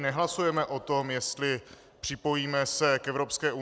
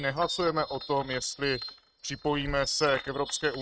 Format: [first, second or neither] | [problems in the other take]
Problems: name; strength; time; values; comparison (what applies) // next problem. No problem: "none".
first | noise reduction (neural mask model RNNoise)